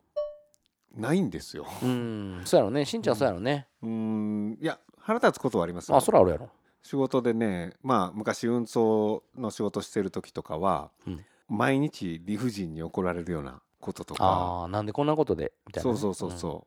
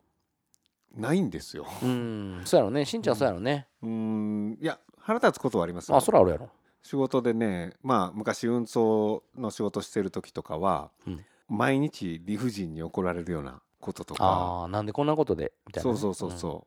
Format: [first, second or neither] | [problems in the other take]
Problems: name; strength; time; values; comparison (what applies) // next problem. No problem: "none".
second | clattering dishes; noticeable; at the start; peak 7 dB below the speech